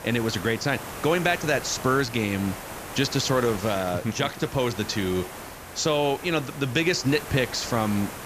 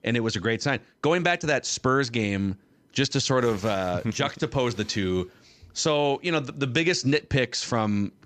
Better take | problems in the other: second | hiss; noticeable; throughout; 10 dB below the speech

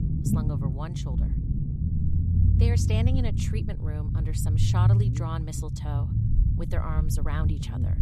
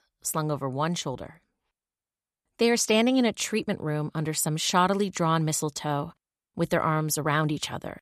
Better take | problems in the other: second | low rumble; loud; throughout; 1 dB below the speech

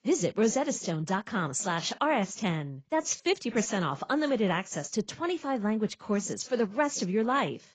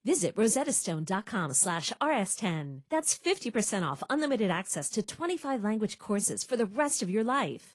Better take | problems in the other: second | garbled, watery; badly; nothing above 7.5 kHz; slightly in the second

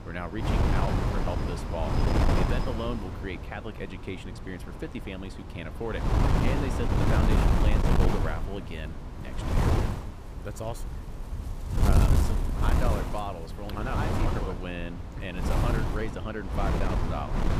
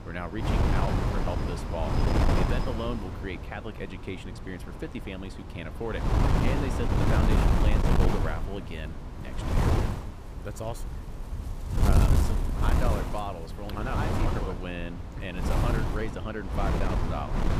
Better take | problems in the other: neither | wind noise on the microphone; heavy; 3 dB above the speech; the same in both

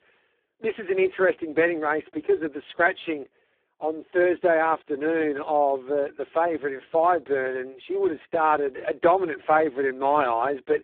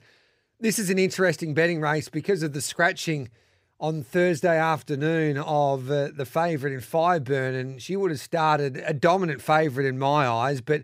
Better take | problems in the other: second | phone-call audio; poor line

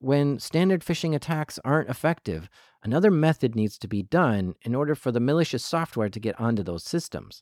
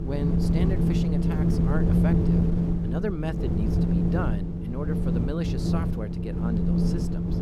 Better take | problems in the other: first | wind noise on the microphone; heavy; 3 dB above the speech

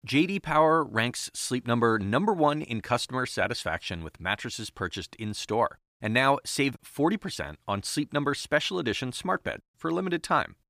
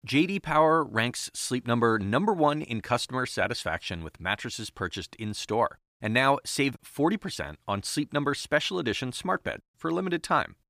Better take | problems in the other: neither | none

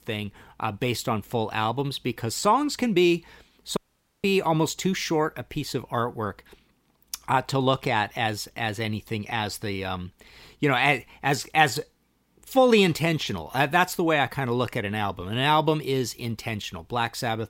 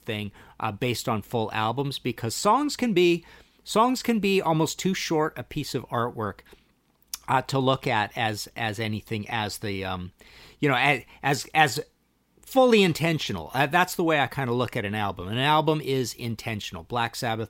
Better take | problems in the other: second | audio cutting out; at 4 s

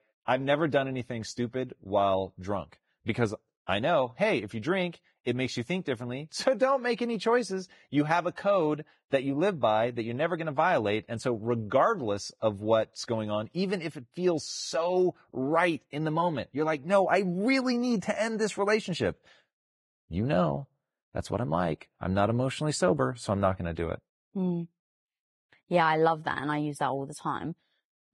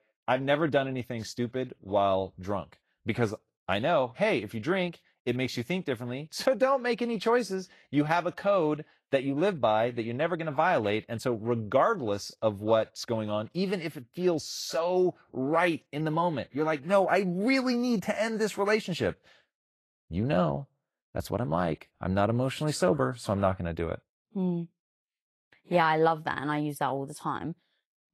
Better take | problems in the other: second | garbled, watery; badly; nothing above 10.5 kHz; slightly in the second

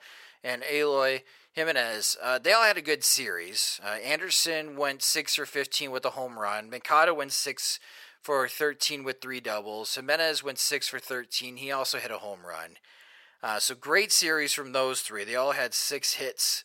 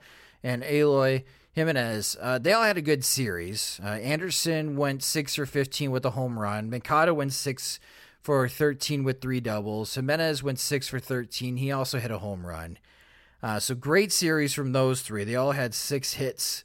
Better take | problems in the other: second | thin; very; fading below 550 Hz

